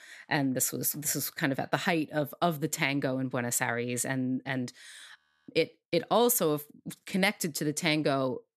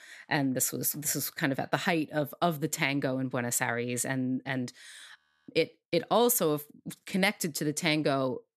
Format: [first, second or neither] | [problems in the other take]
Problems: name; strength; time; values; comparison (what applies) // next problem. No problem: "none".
neither | audio freezing; at 5 s; the same in both